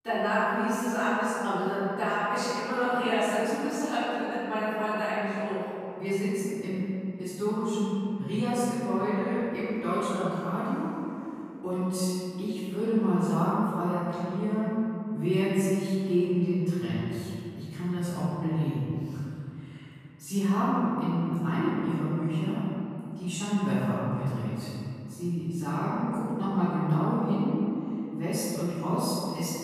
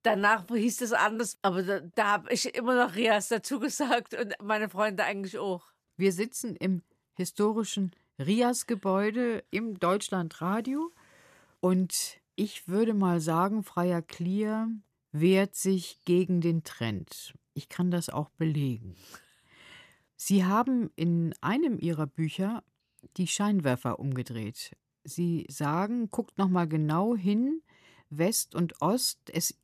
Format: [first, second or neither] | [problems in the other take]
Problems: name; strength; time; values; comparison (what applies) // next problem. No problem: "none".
second | room echo; strong; dies away in 2.8 s // off-mic speech; far